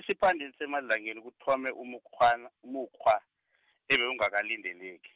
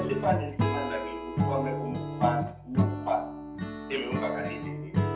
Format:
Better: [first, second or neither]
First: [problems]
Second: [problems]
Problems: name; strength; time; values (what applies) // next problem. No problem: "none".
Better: first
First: none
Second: background sound (Acoustic guitar / Strum); 3 dB above the speech // room echo; dies away in 0.5 s